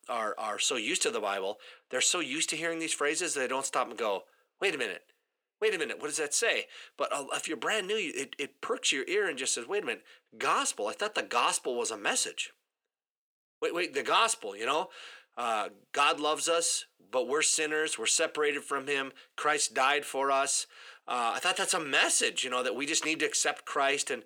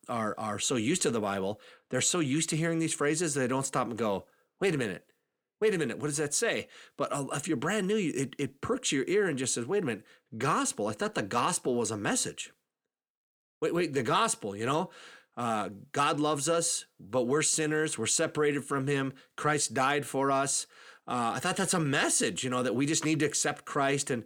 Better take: second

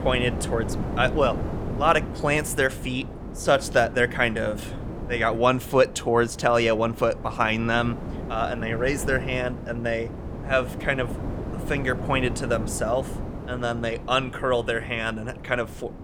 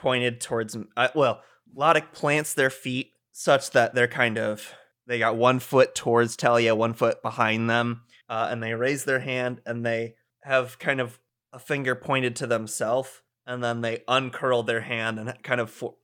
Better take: second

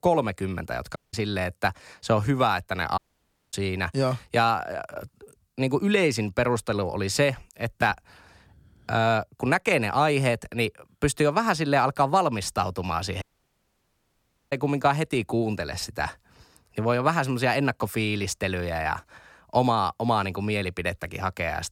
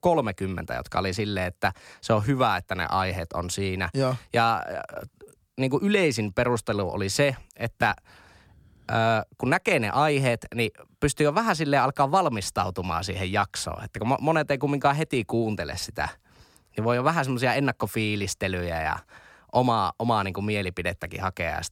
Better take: second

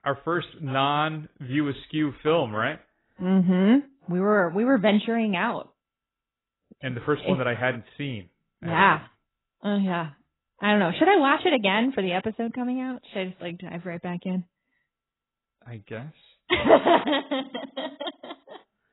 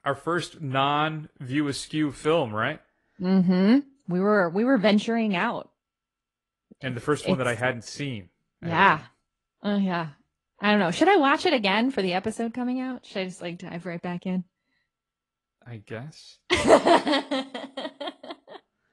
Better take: second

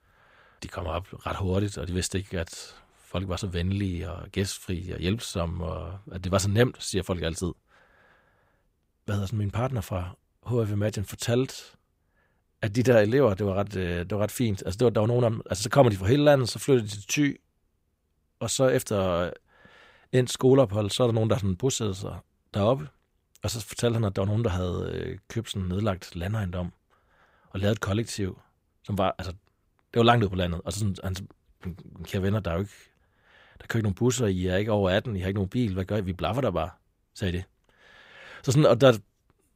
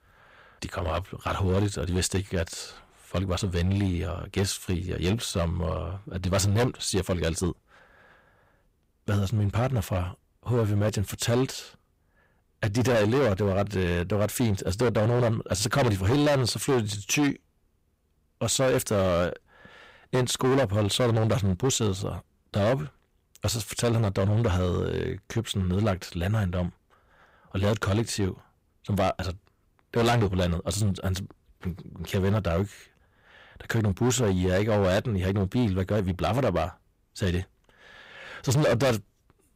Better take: first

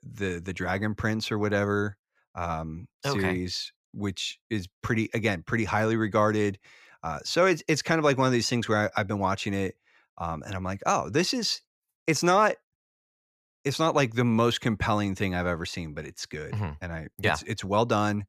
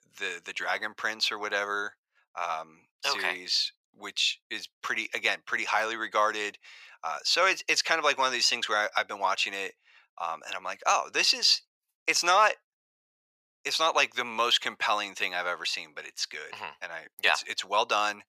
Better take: first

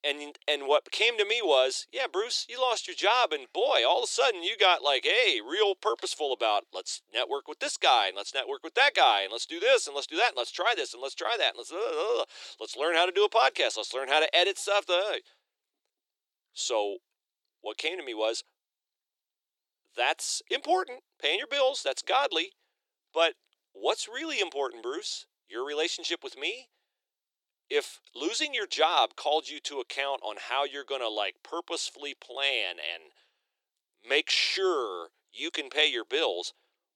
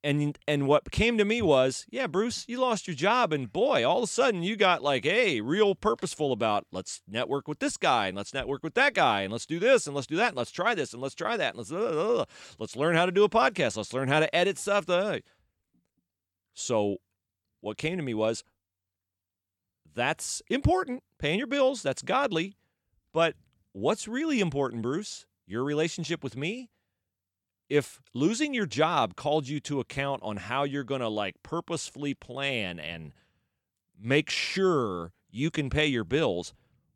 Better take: second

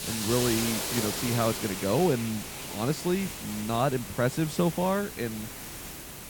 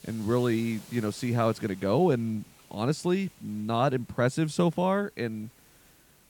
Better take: second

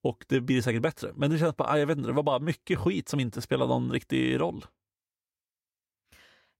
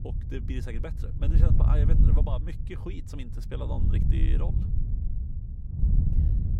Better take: first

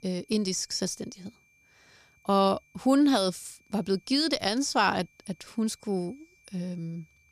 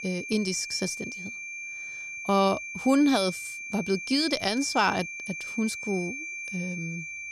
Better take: first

